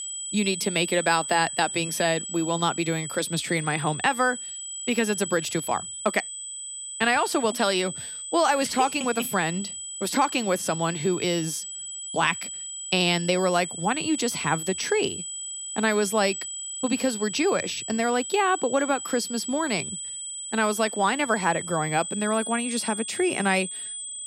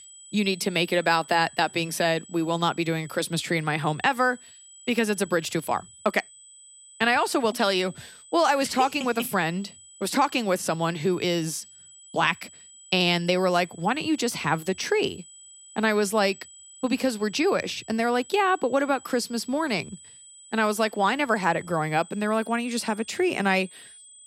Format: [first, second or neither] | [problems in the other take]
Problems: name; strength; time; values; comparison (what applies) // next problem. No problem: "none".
second | high-pitched whine; loud; throughout; 8 kHz, 7 dB below the speech; faint in the second